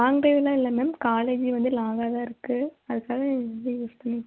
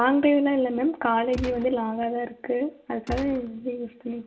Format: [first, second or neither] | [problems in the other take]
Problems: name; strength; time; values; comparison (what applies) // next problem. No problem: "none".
first | background sound (Gunshot, gunfire); 11 dB below the speech // room echo; dies away in 0.2 s